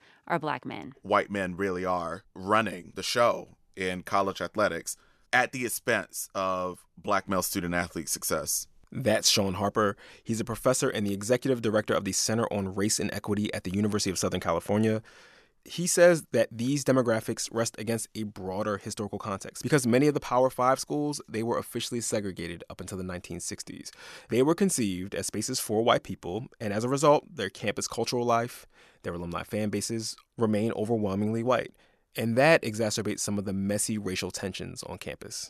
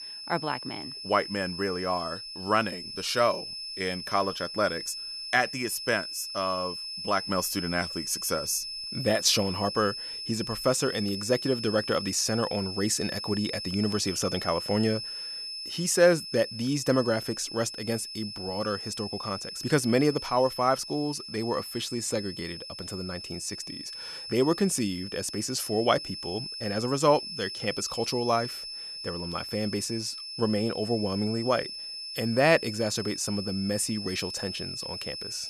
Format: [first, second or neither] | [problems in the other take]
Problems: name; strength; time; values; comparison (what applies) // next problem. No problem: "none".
first | high-pitched whine; loud; throughout; 5 kHz, 7 dB below the speech